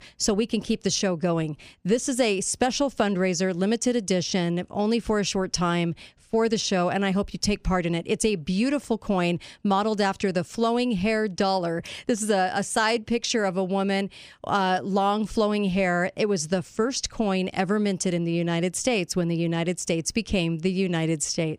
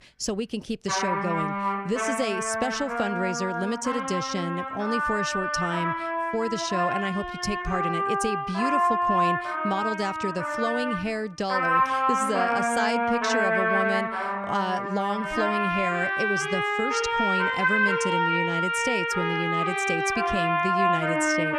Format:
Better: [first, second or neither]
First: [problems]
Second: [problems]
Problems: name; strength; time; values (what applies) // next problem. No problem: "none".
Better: first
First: none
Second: background music; very loud; throughout; 4 dB above the speech